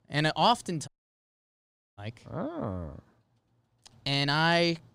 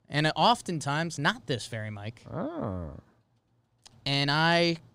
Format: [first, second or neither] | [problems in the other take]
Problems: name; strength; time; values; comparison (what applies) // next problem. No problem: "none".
second | audio cutting out; at 1 s for 1 s